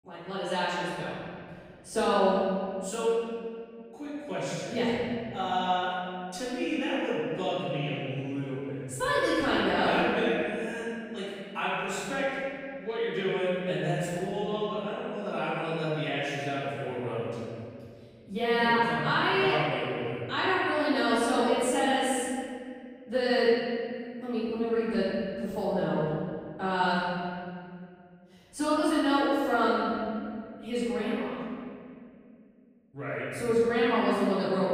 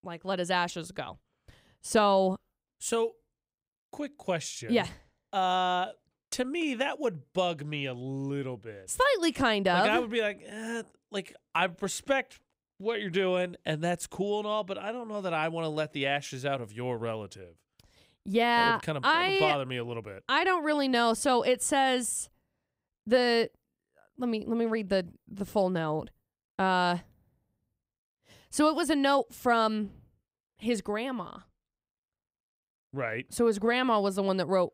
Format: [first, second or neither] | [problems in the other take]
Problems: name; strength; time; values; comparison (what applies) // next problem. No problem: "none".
second | off-mic speech; far // room echo; strong; dies away in 2.2 s